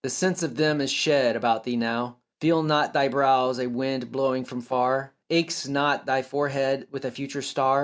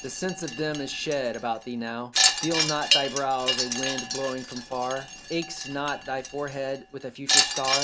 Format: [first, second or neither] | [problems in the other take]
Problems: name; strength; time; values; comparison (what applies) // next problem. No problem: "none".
first | background sound (Wind chime); 2 dB above the speech